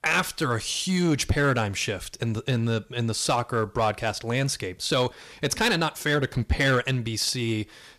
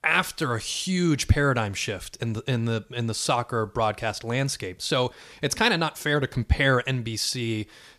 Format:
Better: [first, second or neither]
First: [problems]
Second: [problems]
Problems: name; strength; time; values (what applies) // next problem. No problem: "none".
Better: second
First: distortion; slight; 5% of the sound clipped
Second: none